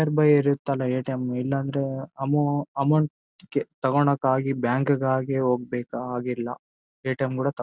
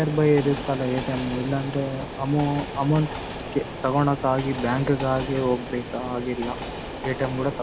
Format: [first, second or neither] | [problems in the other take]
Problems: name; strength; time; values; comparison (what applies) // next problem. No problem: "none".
first | background sound (Train); 8 dB below the speech